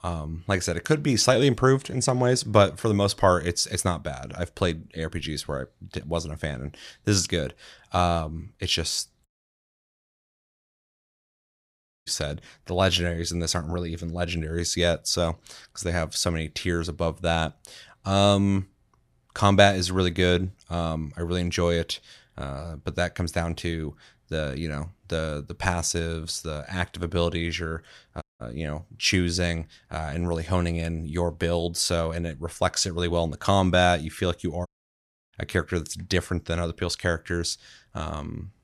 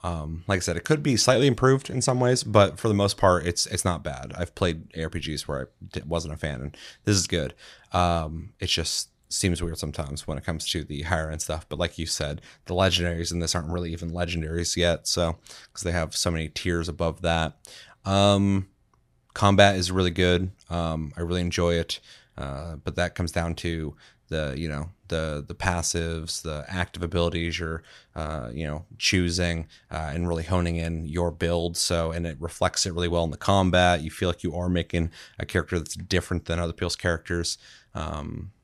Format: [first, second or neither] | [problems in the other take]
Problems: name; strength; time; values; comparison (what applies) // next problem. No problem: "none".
second | audio cutting out; at 9.5 s for 3 s, at 28 s and at 35 s for 0.5 s